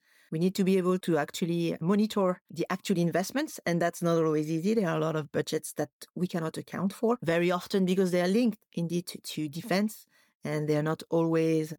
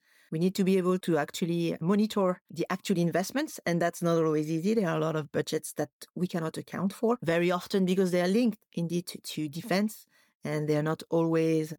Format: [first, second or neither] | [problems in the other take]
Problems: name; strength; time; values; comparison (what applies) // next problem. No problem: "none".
neither | none